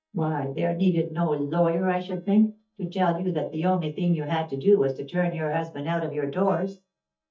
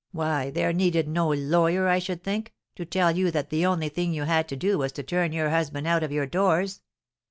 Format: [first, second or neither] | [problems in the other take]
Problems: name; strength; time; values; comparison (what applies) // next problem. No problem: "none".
second | noise reduction (neural mask model DeepFilterNet 3)